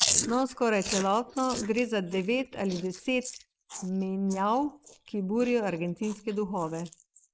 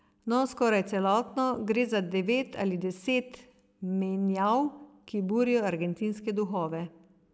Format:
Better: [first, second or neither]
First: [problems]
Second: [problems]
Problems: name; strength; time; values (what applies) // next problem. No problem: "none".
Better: second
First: noise reduction (neural mask model Resemble Enhance denoiser)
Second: none